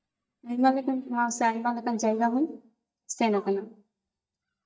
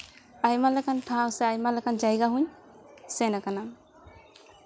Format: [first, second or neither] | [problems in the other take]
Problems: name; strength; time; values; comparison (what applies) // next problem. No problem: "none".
second | noise reduction (neural mask model DeepFilterNet 3)